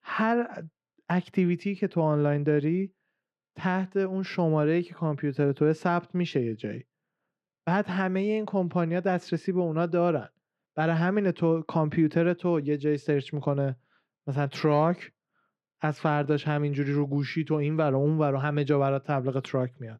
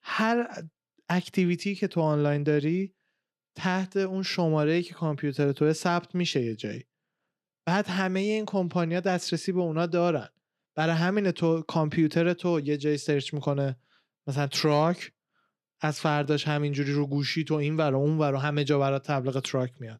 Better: second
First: muffled; slightly; fading above 3 kHz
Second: none

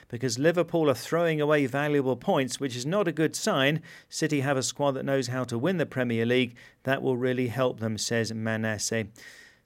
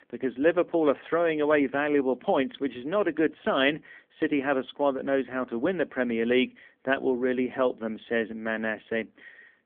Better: first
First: none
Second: phone-call audio; nothing above 3.5 kHz

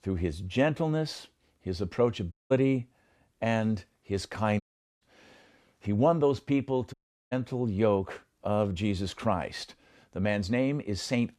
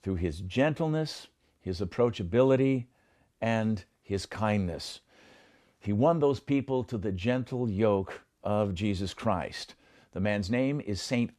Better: second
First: audio cutting out; at 2.5 s, at 4.5 s and at 7 s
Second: none

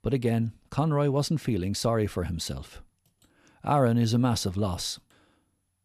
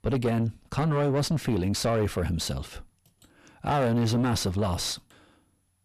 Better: first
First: none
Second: distortion; heavy; 6 dB below the speech

